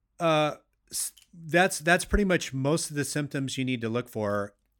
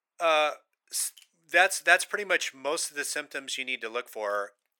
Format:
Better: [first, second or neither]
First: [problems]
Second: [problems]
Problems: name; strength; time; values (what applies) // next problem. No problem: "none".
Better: first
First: none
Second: thin; very; fading below 550 Hz